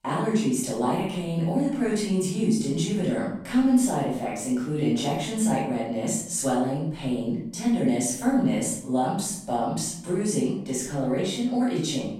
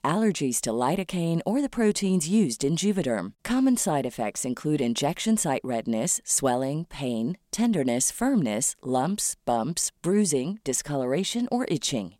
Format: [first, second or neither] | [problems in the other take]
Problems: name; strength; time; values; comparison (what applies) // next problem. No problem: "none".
second | off-mic speech; far // room echo; noticeable; dies away in 0.7 s